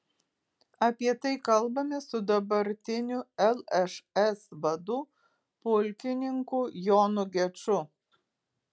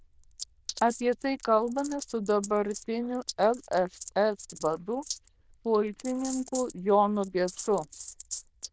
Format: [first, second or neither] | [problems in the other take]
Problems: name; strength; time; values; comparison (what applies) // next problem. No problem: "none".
first | noise reduction (neural diffusion model UNIVERSE++)